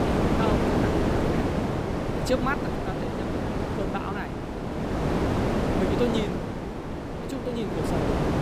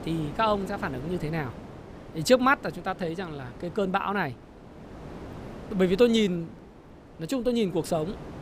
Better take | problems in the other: second | wind noise on the microphone; heavy; 3 dB above the speech; occasional gusts in the second

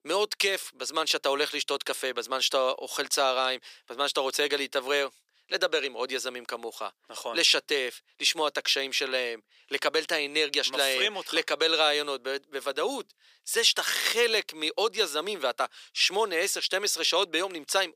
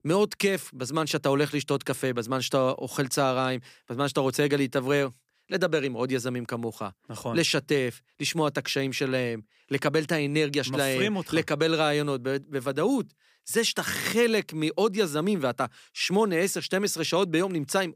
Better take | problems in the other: second | thin; very; fading below 450 Hz

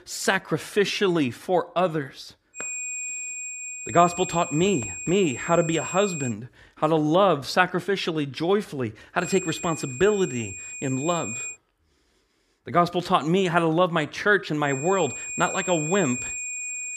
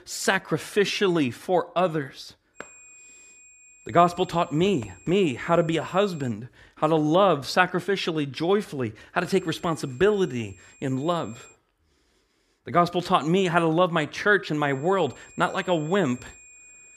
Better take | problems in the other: second | high-pitched whine; loud; from 2.5 to 6.5 s, from 9 to 12 s and from 15 s on; 7.5 kHz, 8 dB below the speech; faint in the second

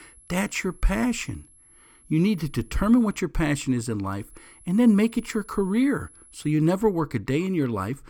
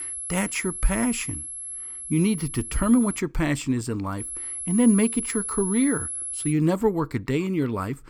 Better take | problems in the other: first | high-pitched whine; loud; until 3 s and from 4 to 6.5 s; 11 kHz, 6 dB below the speech; faint in the first

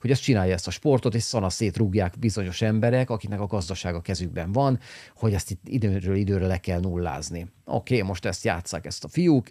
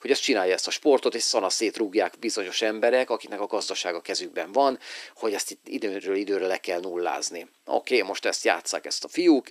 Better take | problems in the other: first | thin; very; fading below 300 Hz

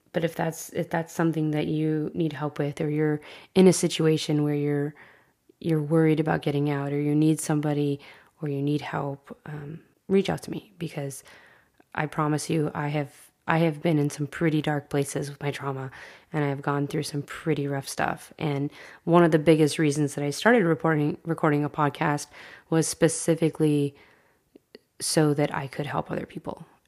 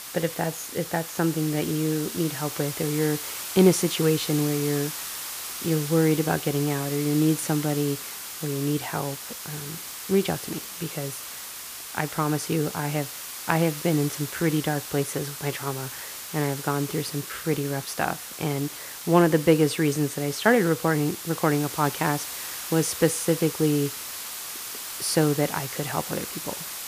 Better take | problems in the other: first | hiss; loud; throughout; 8 dB below the speech

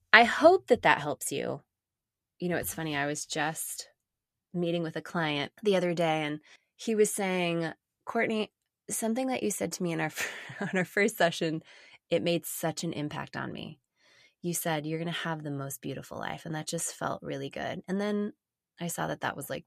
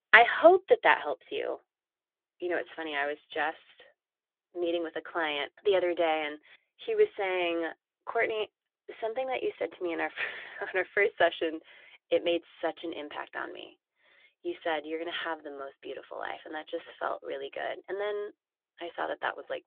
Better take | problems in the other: first | phone-call audio

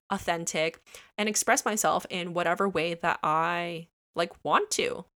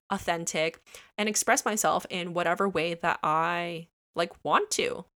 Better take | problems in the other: neither | none

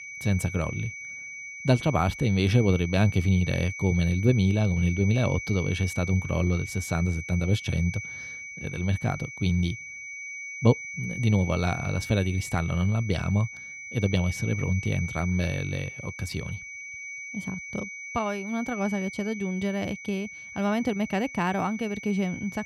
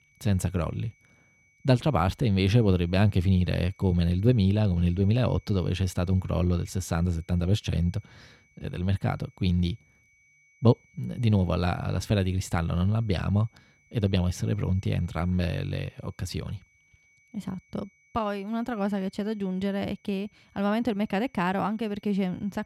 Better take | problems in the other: second | high-pitched whine; loud; throughout; 2.5 kHz, 10 dB below the speech; faint in the second

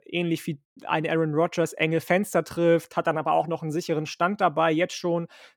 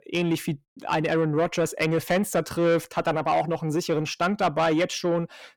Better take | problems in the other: first | distortion; slight; 10 dB below the speech

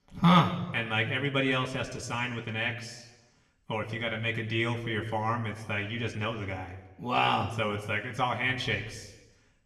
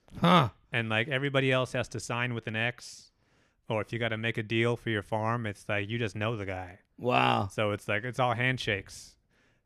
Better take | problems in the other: second | room echo; slight; dies away in 0.9 s // off-mic speech; somewhat distant

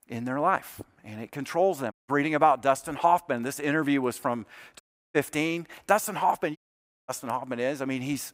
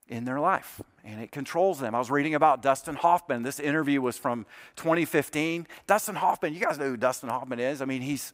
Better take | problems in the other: second | audio cutting out; at 2 s, at 5 s and at 6.5 s for 0.5 s

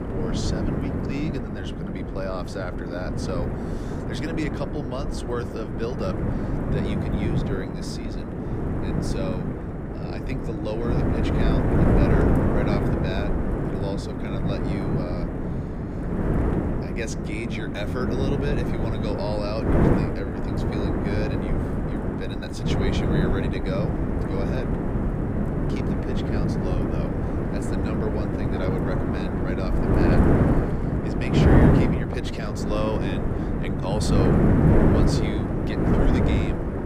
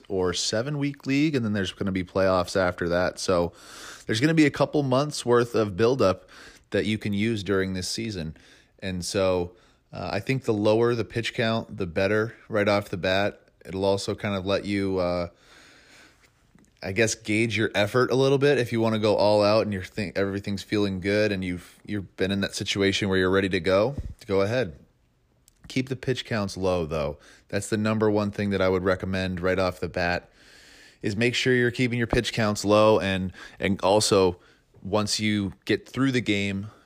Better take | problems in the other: second | wind noise on the microphone; heavy; 4 dB above the speech

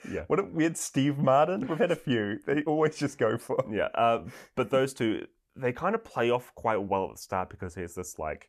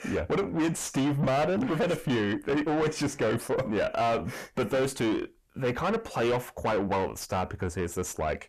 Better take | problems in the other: first | distortion; heavy; 5 dB below the speech

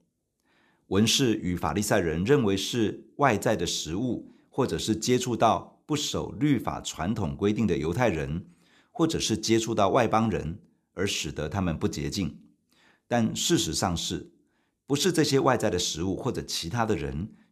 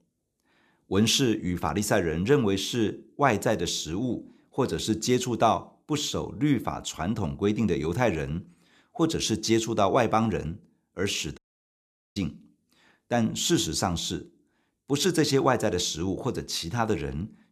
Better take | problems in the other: first | audio cutting out; at 11 s for 1 s

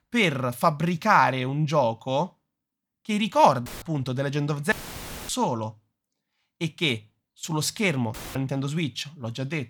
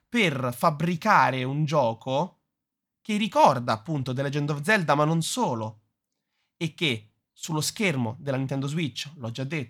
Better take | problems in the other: second | audio cutting out; filled with static; at 3.5 s, at 4.5 s for 0.5 s and at 8 s

